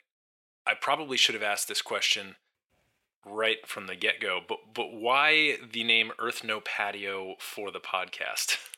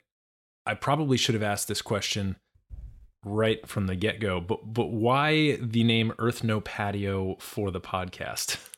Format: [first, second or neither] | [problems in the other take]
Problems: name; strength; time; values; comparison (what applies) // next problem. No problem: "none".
second | thin; very; fading below 550 Hz